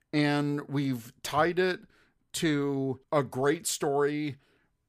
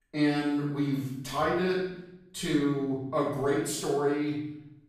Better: first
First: none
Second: room echo; noticeable; dies away in 0.7 s // off-mic speech; far

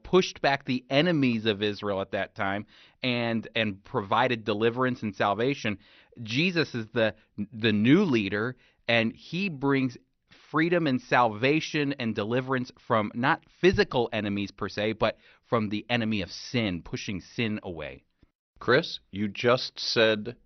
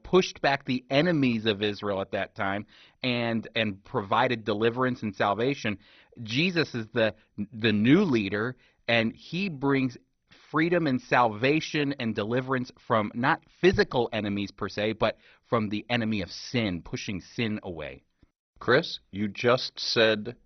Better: first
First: garbled, watery; slightly; nothing above 6 kHz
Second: garbled, watery; badly; nothing above 6 kHz

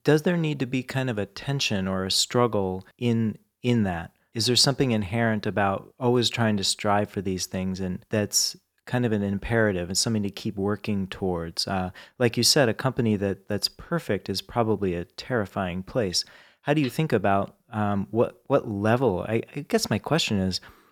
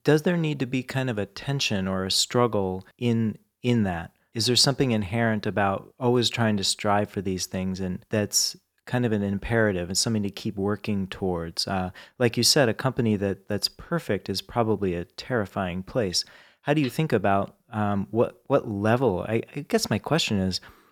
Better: neither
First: none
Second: none

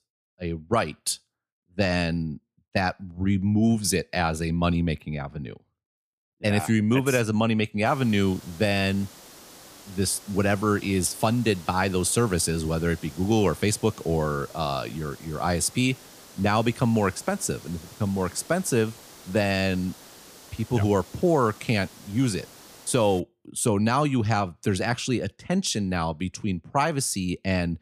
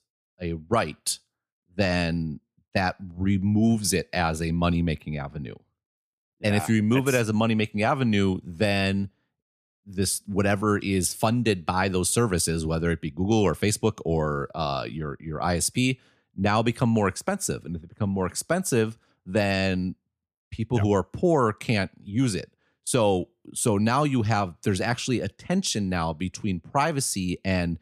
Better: second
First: hiss; faint; from 8 to 23 s; 20 dB below the speech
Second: none

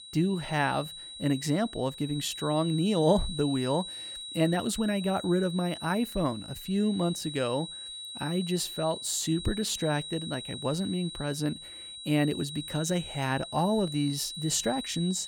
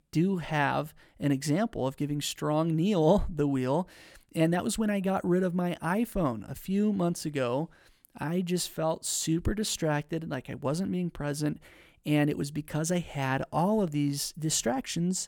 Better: second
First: high-pitched whine; loud; throughout; 4 kHz, 9 dB below the speech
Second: none

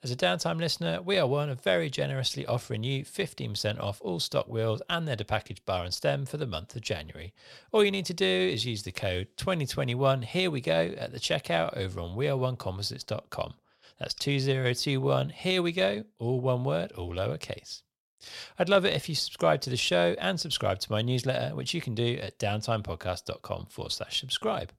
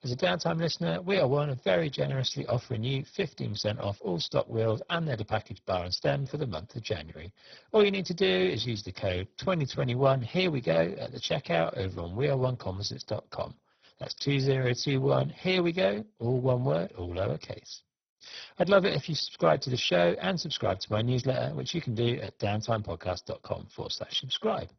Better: first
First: none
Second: garbled, watery; badly; nothing above 6 kHz

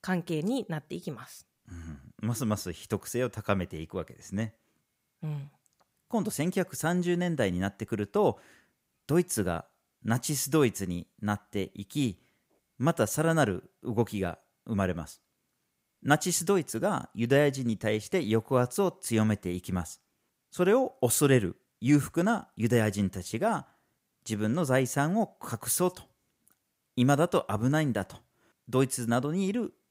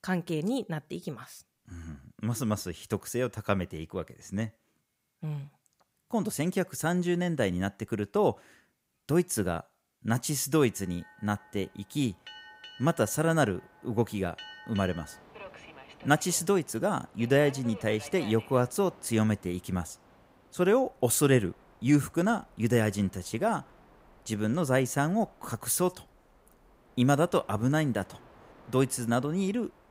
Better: first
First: none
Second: train or aircraft noise; faint; from 11 s on; 20 dB below the speech

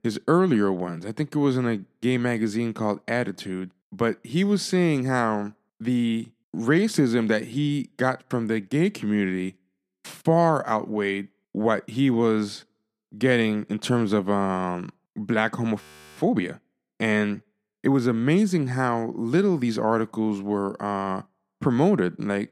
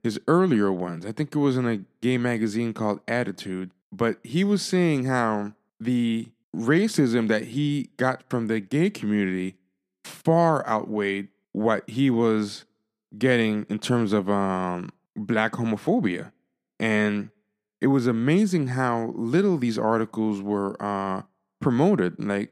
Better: second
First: audio freezing; at 16 s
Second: none

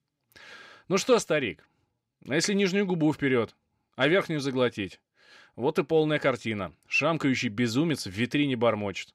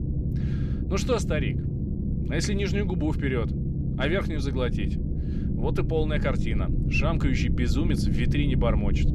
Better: first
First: none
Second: low rumble; loud; throughout; 7 dB below the speech

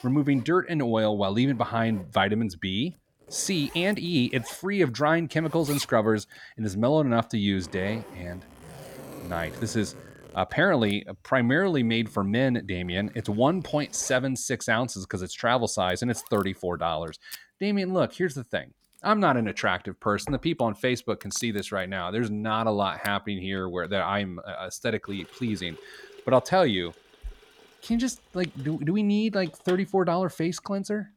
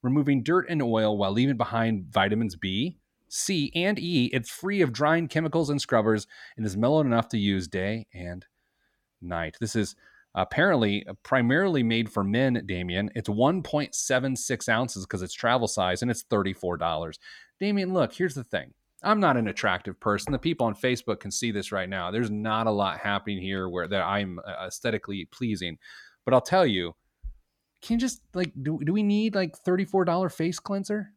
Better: second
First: household noises; noticeable; throughout; 20 dB below the speech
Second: none

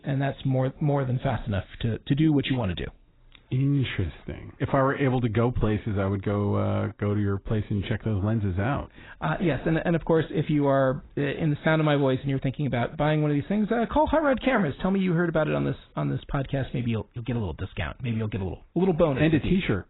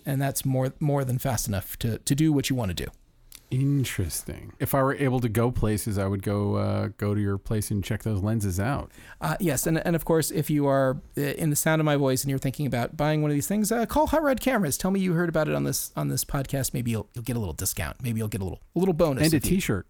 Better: second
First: garbled, watery; badly; nothing above 4 kHz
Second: none

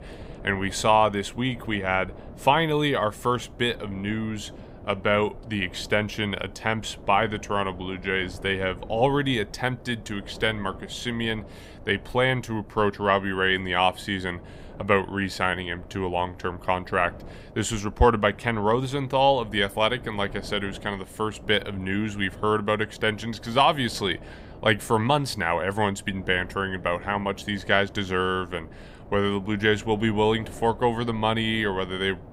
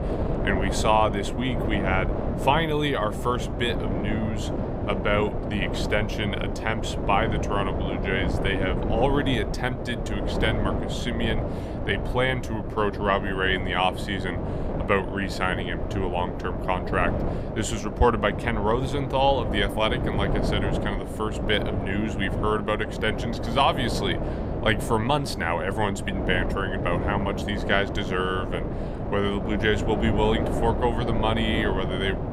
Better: first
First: wind noise on the microphone; occasional gusts; 25 dB below the speech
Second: wind noise on the microphone; heavy; 7 dB below the speech

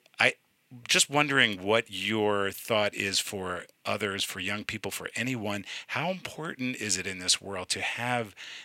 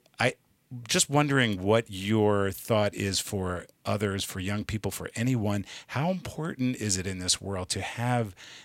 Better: second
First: thin; very slightly; fading below 300 Hz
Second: none

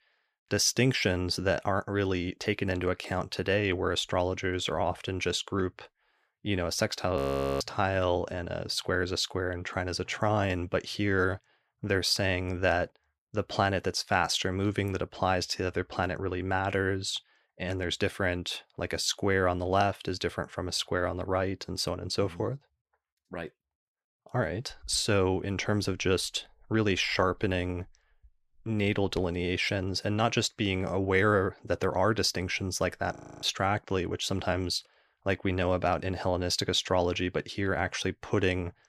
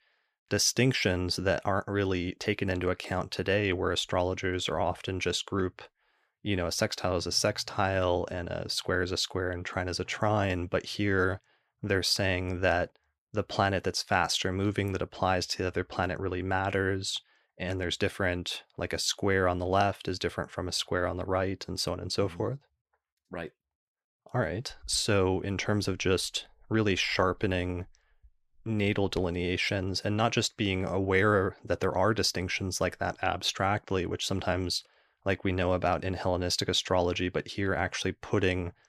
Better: second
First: audio freezing; at 7 s and at 33 s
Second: none

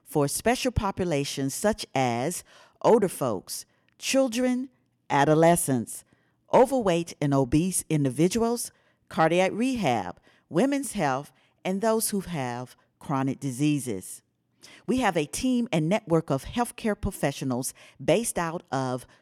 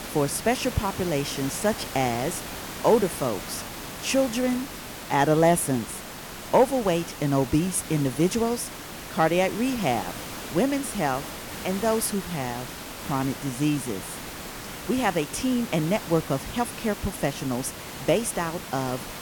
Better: first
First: none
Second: hiss; loud; throughout; 10 dB below the speech

